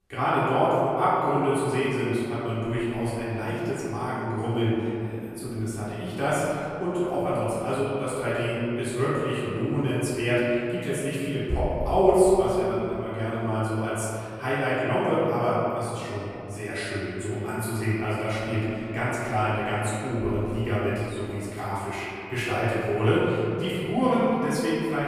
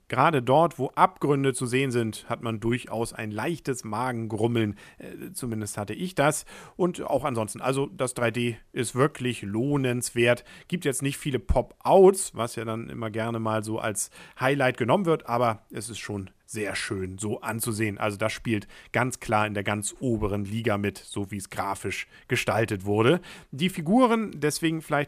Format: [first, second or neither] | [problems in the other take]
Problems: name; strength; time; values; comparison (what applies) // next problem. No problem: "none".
second | off-mic speech; far // room echo; strong; dies away in 2.7 s